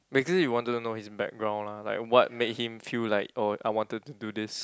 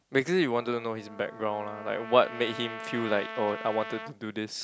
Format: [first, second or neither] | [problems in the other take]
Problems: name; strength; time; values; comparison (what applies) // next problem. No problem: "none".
first | background sound (Trumpet); 12 dB below the speech